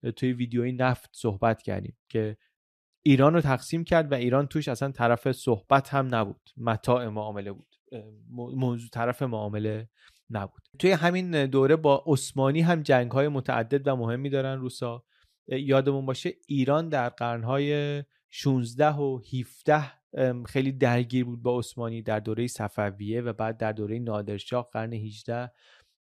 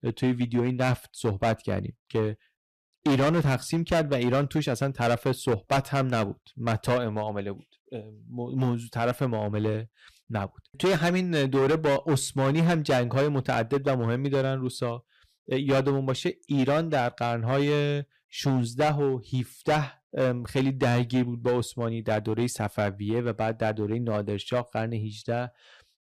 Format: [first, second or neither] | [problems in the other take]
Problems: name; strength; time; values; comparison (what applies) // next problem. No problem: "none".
first | distortion; heavy; 10% of the sound clipped